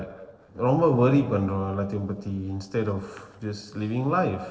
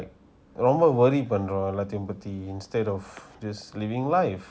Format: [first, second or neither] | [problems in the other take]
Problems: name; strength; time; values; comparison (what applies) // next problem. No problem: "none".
second | noise reduction (neural separator model SepFormer DNS4)